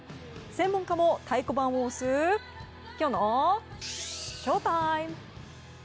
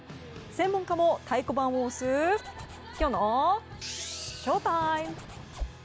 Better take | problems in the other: first | background sound (Zipper (clothing)); 11 dB below the speech

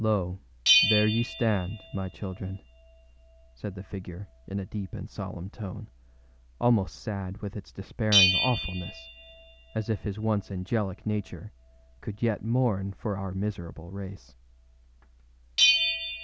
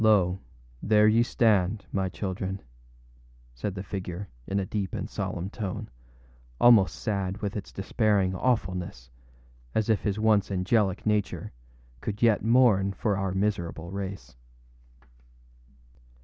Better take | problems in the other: second | background sound (Bell); 2 dB below the speech

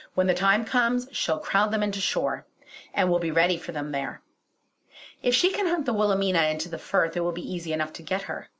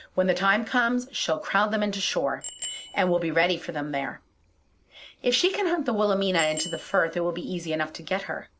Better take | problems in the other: first | background sound (Bicycle bell); 18 dB below the speech

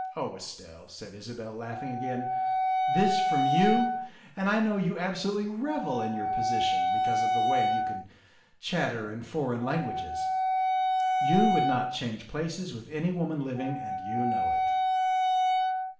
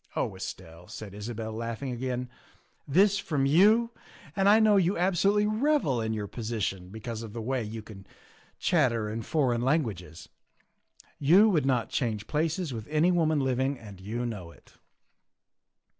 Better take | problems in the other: second | background sound (Wind instrument, woodwind instrument); 3 dB above the speech // room echo; dies away in 0.6 s

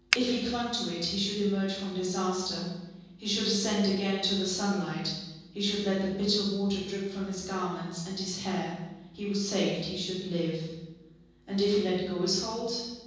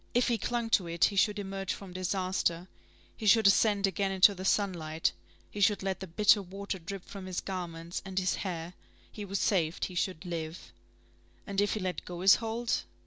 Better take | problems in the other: second | background sound (Finger snapping); 1 dB above the speech // room echo; dies away in 1.3 s

